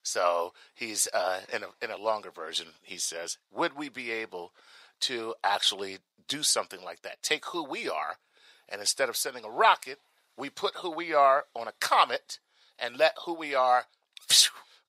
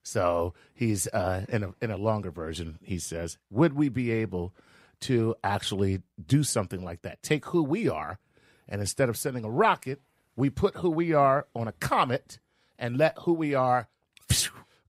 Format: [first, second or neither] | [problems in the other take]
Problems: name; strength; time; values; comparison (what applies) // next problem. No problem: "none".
second | thin; very; fading below 750 Hz